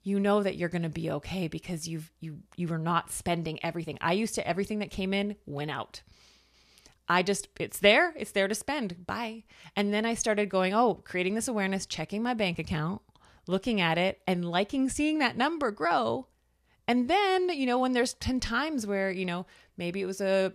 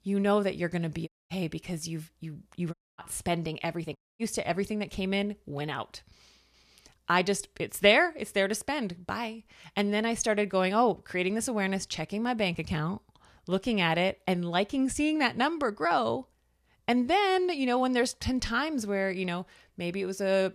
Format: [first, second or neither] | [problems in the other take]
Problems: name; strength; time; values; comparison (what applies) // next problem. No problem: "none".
first | audio cutting out; at 1 s, at 2.5 s and at 4 s